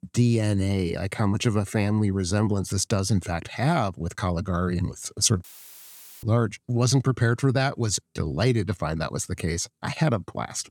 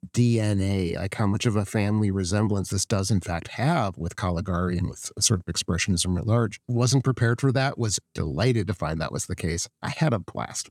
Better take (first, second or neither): second